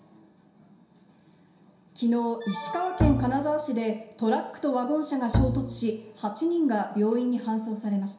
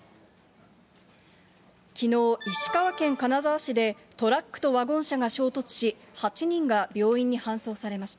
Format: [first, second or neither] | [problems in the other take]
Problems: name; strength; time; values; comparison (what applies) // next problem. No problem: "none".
second | background sound (Bowed string instrument); 1 dB below the speech // room echo; dies away in 0.7 s